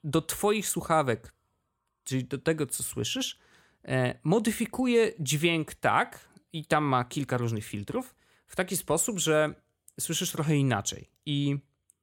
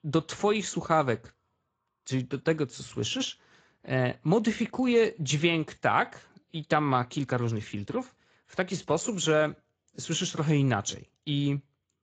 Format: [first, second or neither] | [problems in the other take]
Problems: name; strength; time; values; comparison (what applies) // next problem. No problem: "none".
first | garbled, watery; slightly; nothing above 7.5 kHz